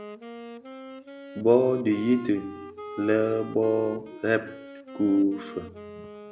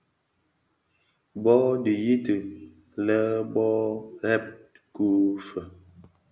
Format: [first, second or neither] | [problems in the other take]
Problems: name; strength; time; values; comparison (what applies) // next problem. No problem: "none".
second | background sound (Wind instrument, woodwind instrument); 15 dB below the speech